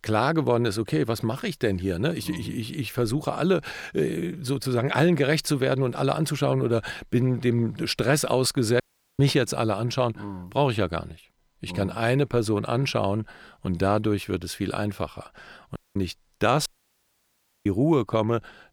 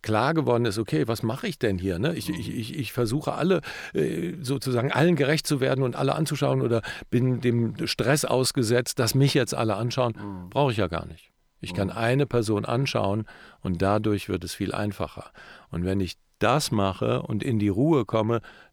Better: second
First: audio cutting out; at 9 s, at 16 s and at 17 s for 1 s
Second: none

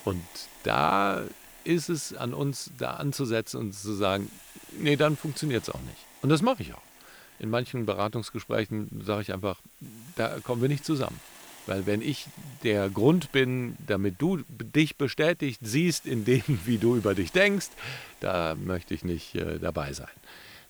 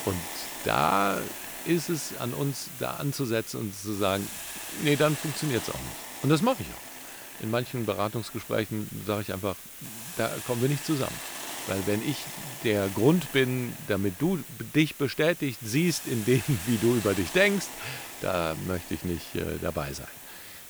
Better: first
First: hiss; faint; throughout; 20 dB below the speech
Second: hiss; loud; throughout; 9 dB below the speech

